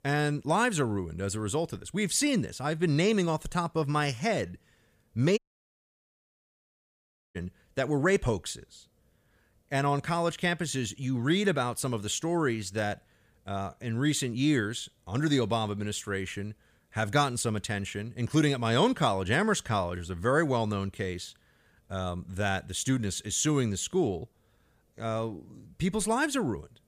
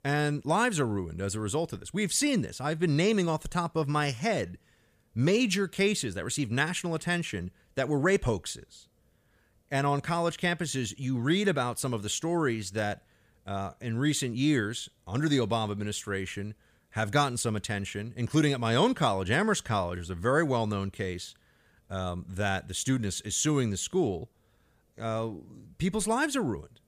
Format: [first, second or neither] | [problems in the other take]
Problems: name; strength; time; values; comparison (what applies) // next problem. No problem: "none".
second | audio cutting out; at 5.5 s for 2 s